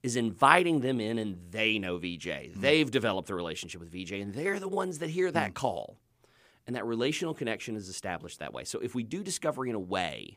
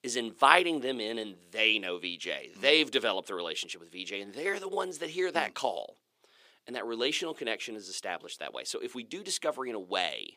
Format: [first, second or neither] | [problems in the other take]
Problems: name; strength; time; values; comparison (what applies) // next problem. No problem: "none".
first | thin; somewhat; fading below 400 Hz